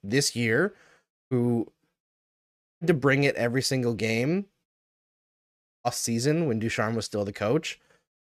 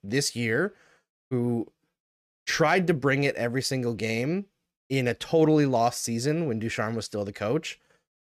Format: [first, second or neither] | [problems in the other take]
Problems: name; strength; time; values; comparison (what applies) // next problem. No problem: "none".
second | audio cutting out; at 2.5 s for 0.5 s and at 4.5 s for 1 s